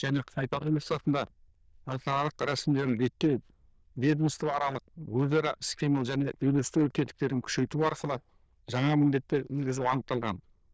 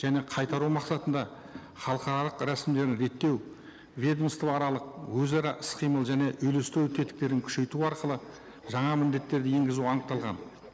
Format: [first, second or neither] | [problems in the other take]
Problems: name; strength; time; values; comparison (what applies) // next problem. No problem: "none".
second | noise reduction (neural diffusion model UNIVERSE++)